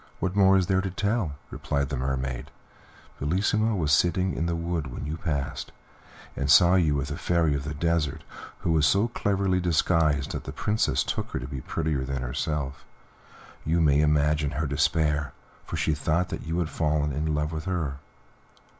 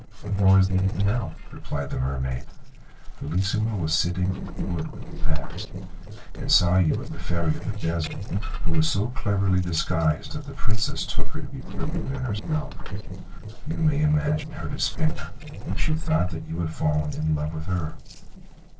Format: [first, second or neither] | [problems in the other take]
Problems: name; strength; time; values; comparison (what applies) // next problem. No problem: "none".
first | noise reduction (neural separator model SepFormer DNS4)